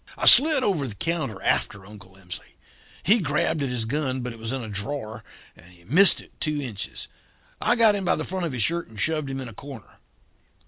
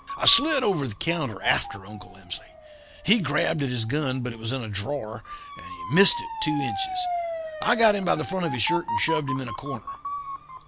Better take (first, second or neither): first